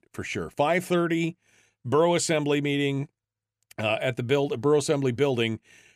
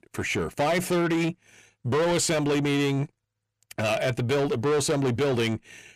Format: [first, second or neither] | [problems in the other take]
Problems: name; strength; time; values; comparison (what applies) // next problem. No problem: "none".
first | distortion; heavy; 8 dB below the speech